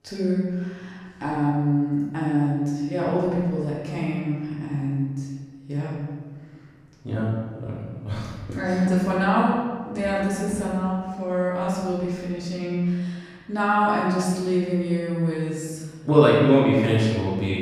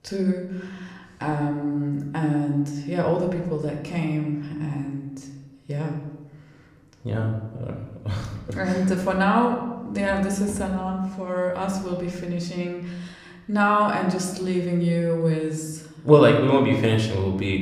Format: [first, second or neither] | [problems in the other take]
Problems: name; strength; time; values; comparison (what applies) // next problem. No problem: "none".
second | room echo; strong; dies away in 1.3 s; slight in the second // off-mic speech; far; somewhat distant in the second